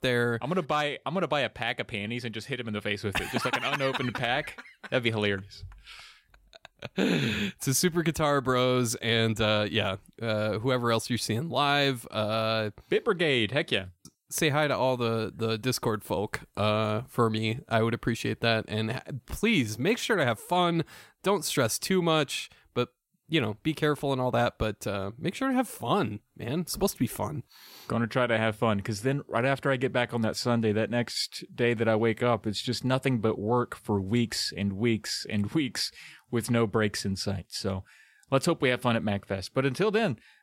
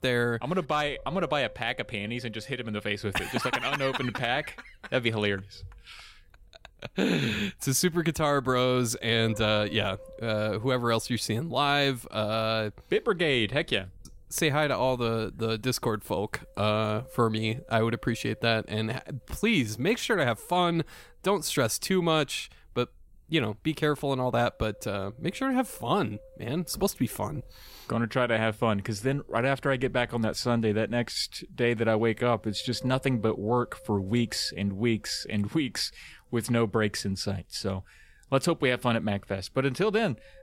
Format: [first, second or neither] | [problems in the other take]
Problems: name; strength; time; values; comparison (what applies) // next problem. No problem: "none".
first | wind noise on the microphone; occasional gusts; 25 dB below the speech